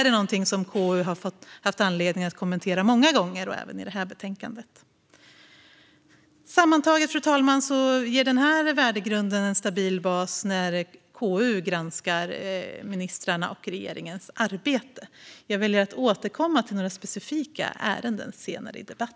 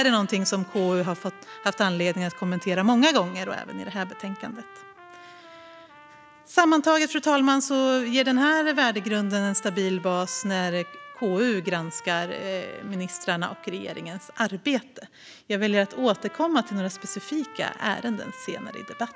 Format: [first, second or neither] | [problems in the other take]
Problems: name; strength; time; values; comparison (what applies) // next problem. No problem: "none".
first | background sound (Trumpet); 20 dB below the speech